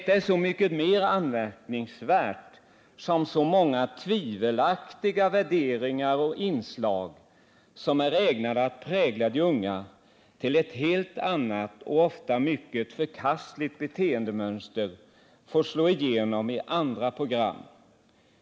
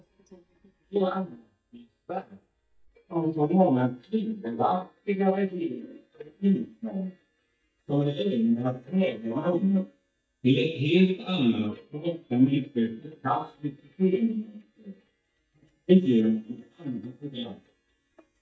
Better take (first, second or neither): first